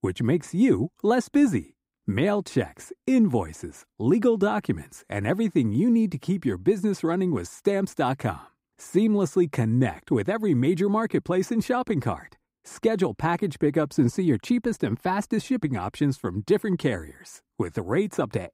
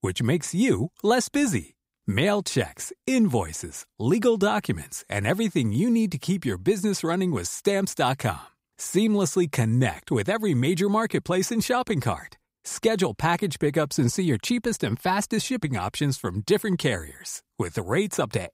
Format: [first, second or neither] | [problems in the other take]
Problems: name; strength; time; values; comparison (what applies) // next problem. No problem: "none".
second | muffled; slightly; fading above 2.5 kHz